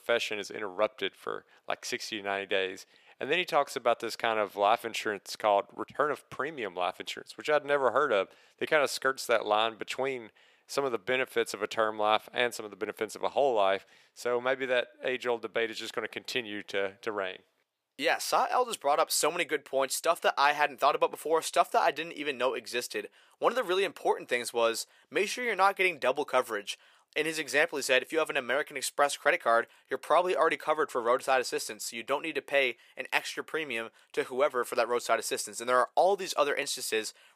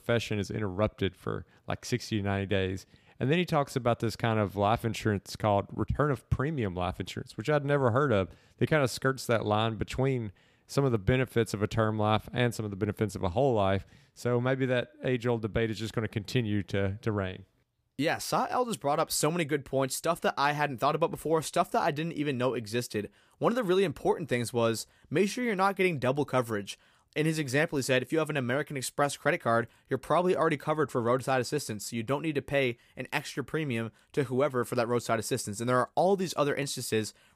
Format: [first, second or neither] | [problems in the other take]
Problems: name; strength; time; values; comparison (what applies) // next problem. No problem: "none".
second | thin; very; fading below 550 Hz